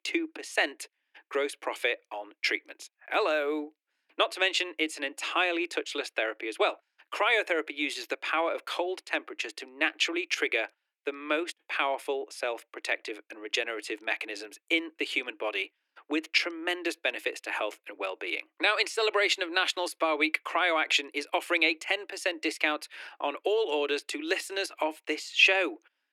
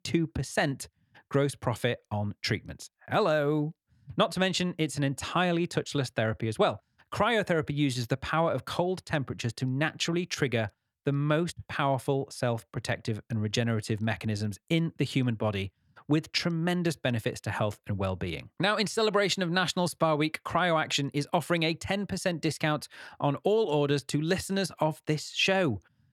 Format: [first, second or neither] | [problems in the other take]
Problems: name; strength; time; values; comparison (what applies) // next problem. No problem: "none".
second | thin; very; fading below 300 Hz